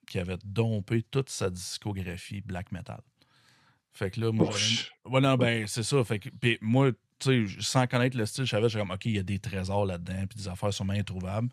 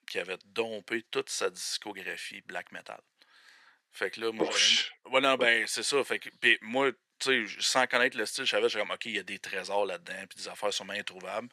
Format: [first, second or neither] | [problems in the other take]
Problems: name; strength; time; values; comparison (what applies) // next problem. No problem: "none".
first | thin; very; fading below 350 Hz